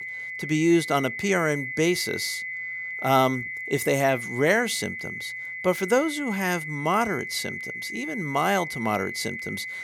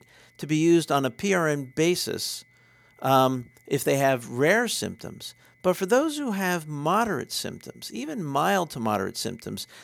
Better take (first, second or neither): second